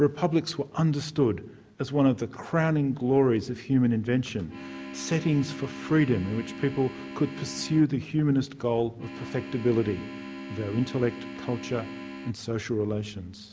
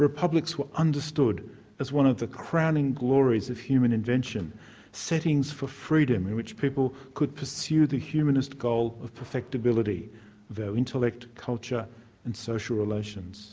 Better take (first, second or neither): second